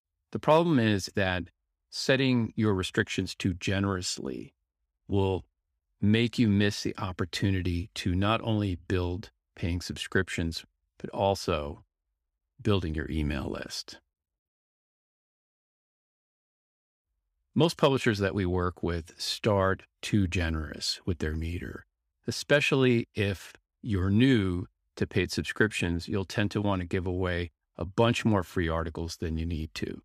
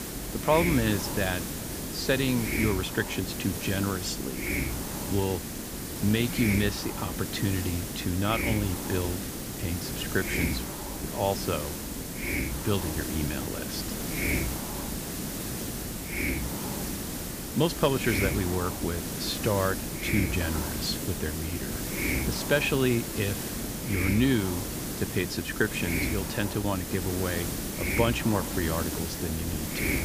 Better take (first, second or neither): first